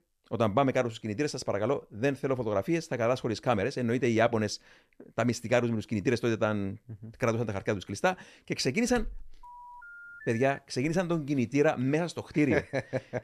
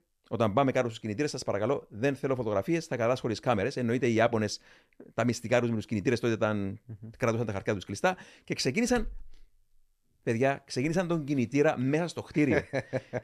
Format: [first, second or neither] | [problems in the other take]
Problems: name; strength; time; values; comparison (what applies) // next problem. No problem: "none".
second | phone ringing; faint; from 9.5 to 11 s; peak 15 dB below the speech